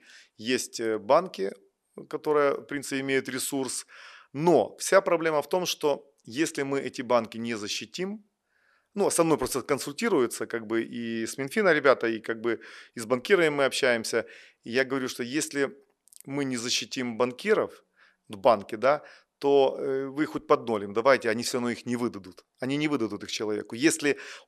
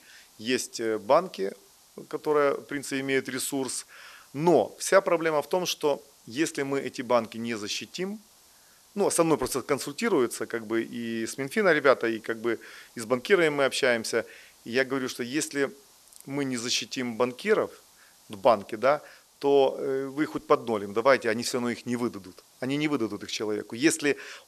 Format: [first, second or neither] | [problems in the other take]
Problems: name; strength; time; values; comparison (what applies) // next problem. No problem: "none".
first | hiss; faint; throughout; 30 dB below the speech